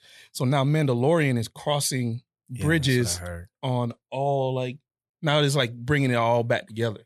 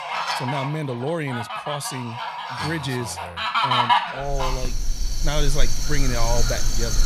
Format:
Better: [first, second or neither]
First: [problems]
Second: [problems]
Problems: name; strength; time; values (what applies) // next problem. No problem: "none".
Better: first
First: none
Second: animal sounds; very loud; throughout; 3 dB above the speech